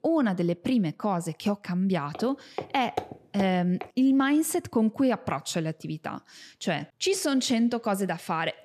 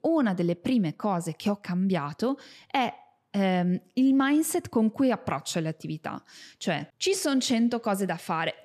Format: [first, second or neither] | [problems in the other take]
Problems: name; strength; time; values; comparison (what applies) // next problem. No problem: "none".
second | footsteps; noticeable; from 2 to 4 s; peak 9 dB below the speech